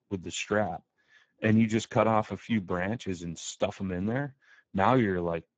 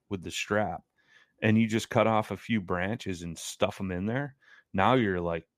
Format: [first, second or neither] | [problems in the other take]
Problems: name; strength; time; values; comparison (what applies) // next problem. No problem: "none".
second | garbled, watery; badly; nothing above 7.5 kHz